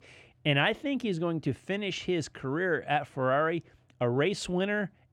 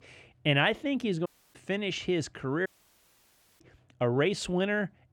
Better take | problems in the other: first | audio cutting out; at 1.5 s and at 2.5 s for 1 s

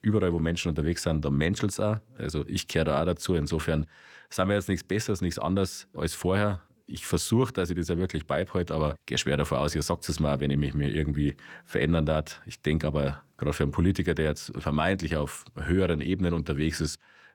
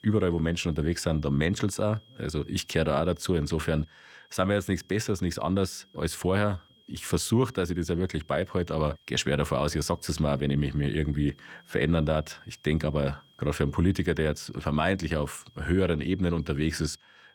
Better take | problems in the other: first | high-pitched whine; faint; throughout; 3.5 kHz, 30 dB below the speech

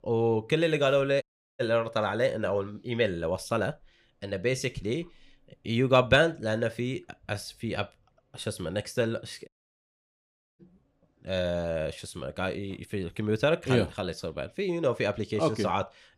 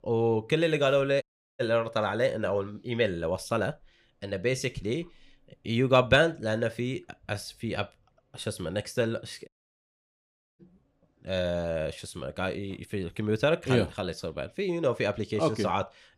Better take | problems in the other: neither | audio cutting out; at 1 s and at 9.5 s for 1 s; the same in both

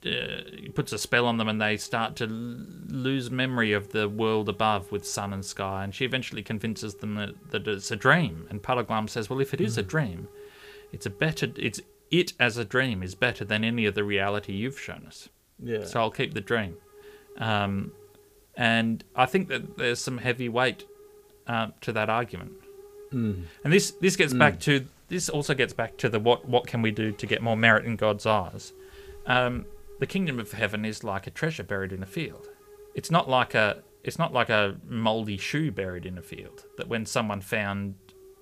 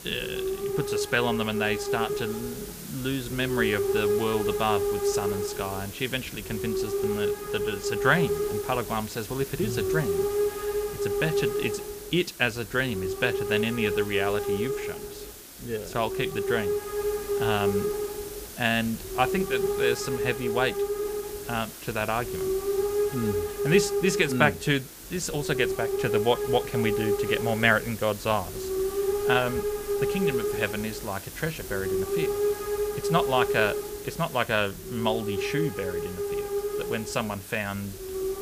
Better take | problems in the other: first | hiss; loud; throughout; 1 dB below the speech; faint in the first

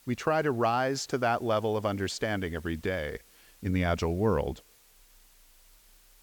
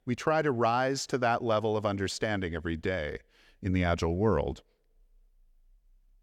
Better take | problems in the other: second | hiss; faint; throughout; 25 dB below the speech

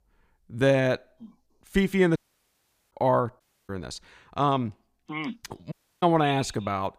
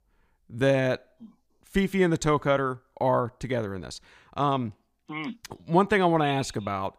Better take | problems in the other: second | audio cutting out; at 2 s for 1 s, at 3.5 s and at 5.5 s

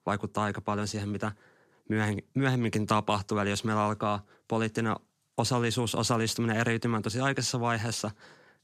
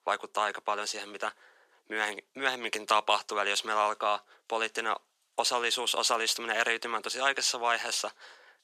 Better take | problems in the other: first | thin; very; fading below 500 Hz

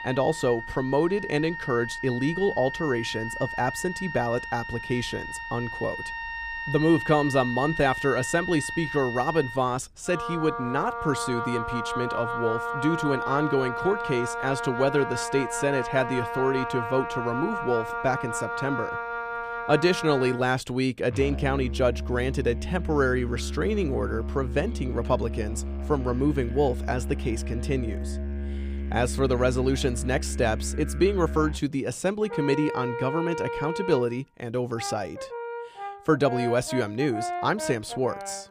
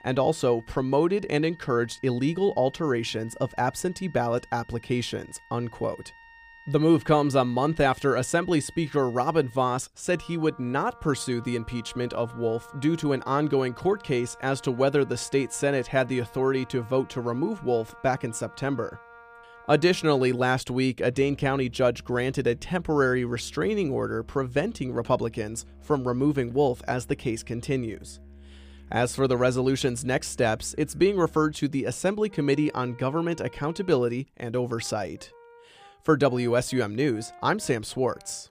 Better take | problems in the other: second | background music; loud; throughout; 6 dB below the speech; faint in the second

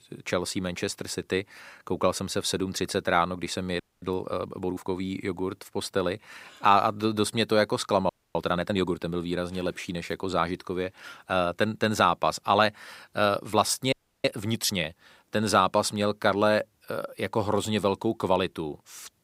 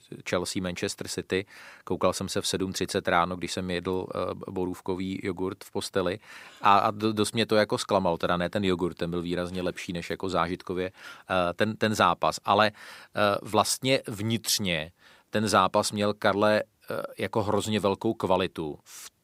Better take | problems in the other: second | audio freezing; at 4 s, at 8 s and at 14 s

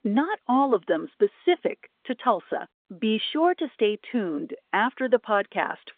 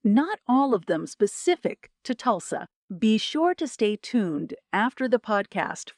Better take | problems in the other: second | phone-call audio; nothing above 3.5 kHz

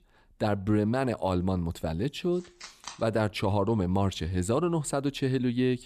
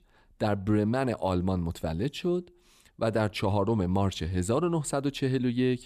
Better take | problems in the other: second | phone ringing; faint; at 2.5 s; peak 15 dB below the speech

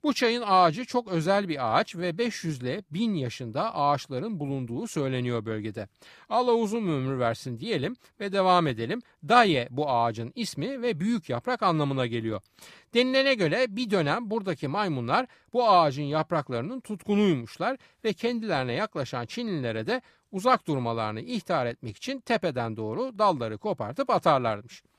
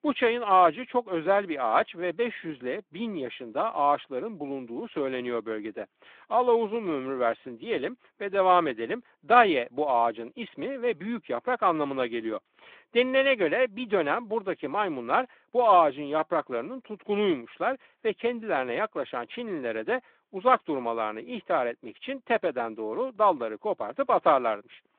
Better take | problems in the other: first | phone-call audio

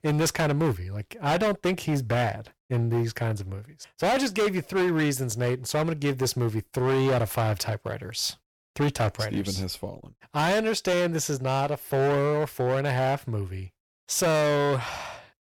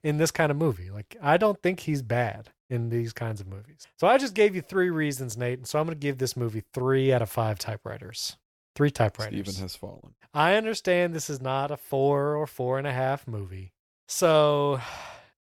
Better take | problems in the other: second | distortion; heavy; 15% of the sound clipped

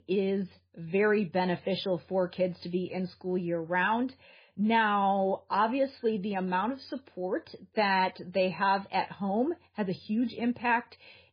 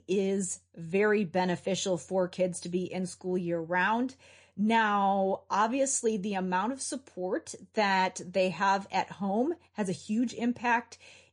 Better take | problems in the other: second | garbled, watery; badly; nothing above 4 kHz; slightly in the second

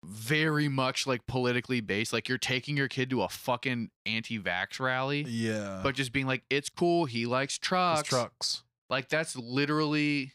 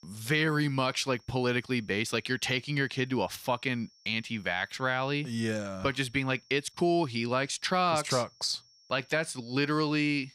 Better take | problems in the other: first | high-pitched whine; faint; throughout; 5.5 kHz, 30 dB below the speech

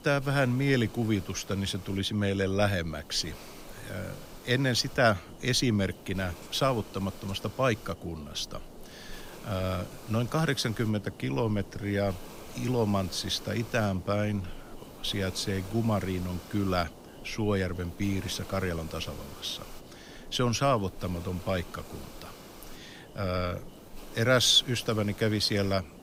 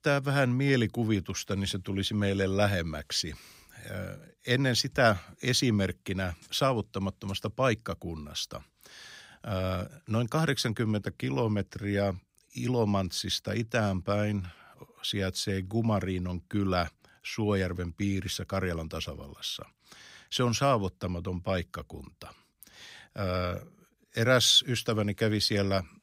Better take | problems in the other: second | hiss; noticeable; throughout; 20 dB below the speech

